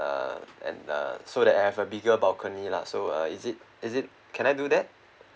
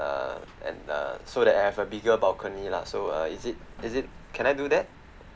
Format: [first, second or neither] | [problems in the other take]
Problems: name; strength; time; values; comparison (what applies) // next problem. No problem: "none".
first | background sound (Truck); 19 dB below the speech